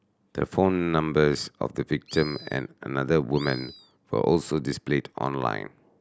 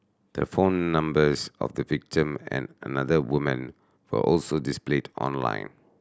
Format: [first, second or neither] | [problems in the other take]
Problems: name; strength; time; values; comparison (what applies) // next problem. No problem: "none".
second | background sound (Animal); 17 dB below the speech